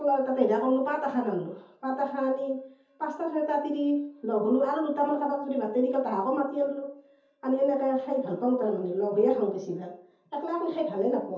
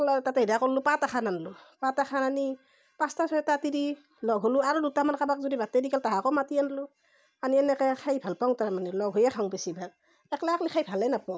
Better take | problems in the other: second | room echo; dies away in 0.5 s

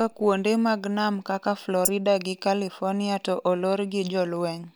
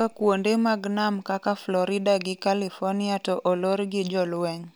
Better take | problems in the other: second | noise reduction (neural mask model DeepFilterNet 3)

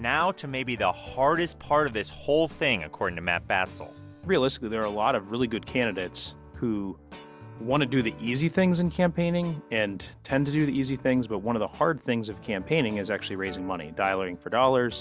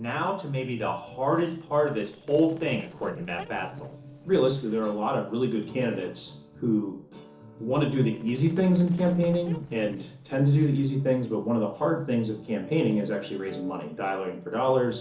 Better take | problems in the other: first | noise reduction (neural separator model SepFormer DNS4)

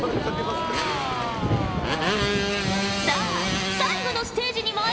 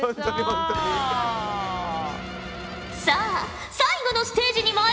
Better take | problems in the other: second | background sound (Motorcycle + Thunder); 2 dB above the speech

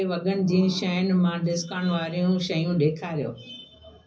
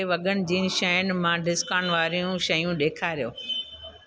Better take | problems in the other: second | room echo; dies away in 0.5 s

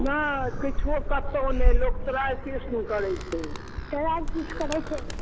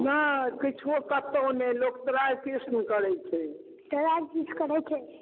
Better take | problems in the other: second | background sound (Animal); 3 dB above the speech

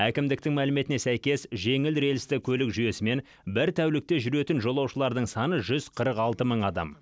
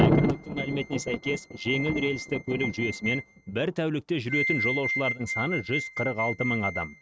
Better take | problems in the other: first | noise reduction (neural mask model RNNoise)

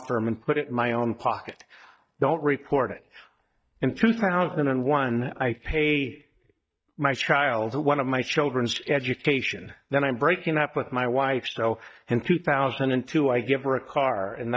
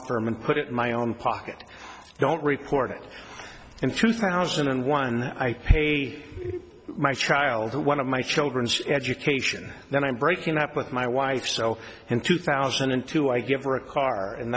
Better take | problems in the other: second | noise reduction (neural mask model DeepFilterNet 3)

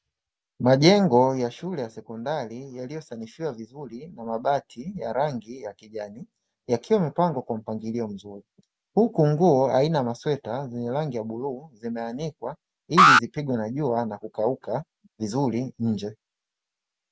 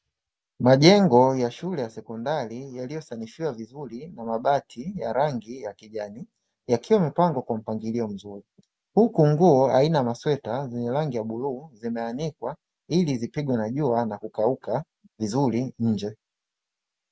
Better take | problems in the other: second | background sound (Alarm); 4 dB above the speech

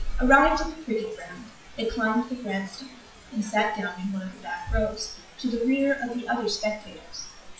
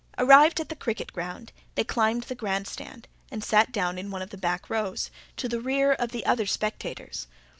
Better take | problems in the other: second | noise reduction (classical method WPE with log-MMSE)

